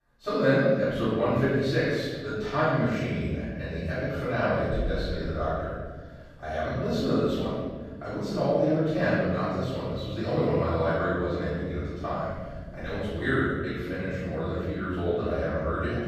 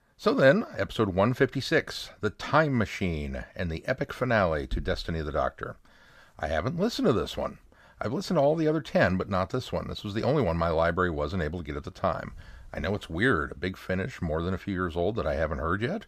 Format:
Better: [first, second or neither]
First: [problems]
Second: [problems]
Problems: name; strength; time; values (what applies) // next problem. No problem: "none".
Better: second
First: off-mic speech; far // room echo; strong; dies away in 1.7 s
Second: none